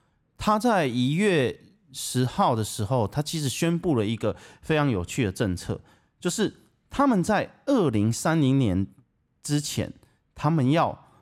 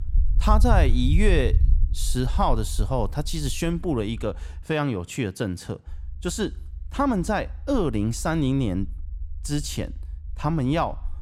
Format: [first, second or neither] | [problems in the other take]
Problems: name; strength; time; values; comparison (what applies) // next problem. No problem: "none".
first | low rumble; faint; until 4.5 s and from 6 s on; 20 dB below the speech